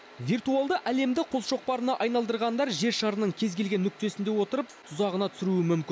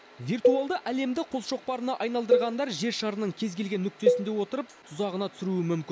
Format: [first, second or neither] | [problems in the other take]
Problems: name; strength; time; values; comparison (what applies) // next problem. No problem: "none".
first | background sound (Cowbell); 1 dB below the speech